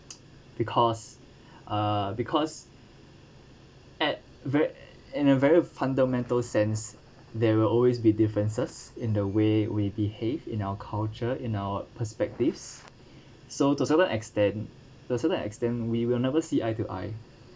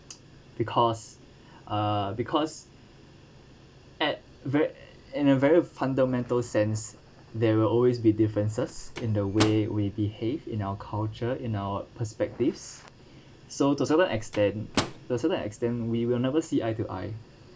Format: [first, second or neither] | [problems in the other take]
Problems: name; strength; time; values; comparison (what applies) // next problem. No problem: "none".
first | background sound (Microwave oven); 10 dB below the speech